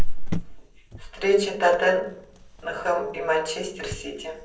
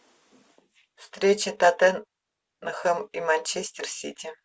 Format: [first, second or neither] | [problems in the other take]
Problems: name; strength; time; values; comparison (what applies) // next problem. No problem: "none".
second | background sound (Cricket); as loud as the speech // room echo; dies away in 0.6 s